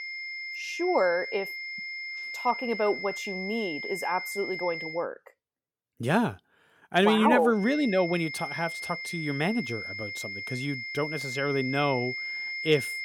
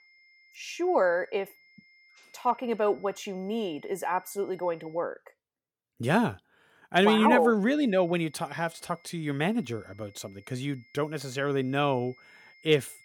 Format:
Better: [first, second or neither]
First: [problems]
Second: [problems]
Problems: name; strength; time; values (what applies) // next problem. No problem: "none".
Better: second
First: high-pitched whine; loud; until 5 s and from 7.5 s on; 2 kHz, 6 dB below the speech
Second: high-pitched whine; faint; until 5 s and from 7.5 s on; 2 kHz, 30 dB below the speech